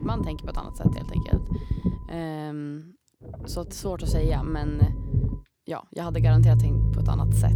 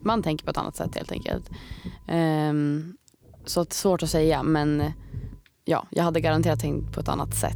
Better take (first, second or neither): second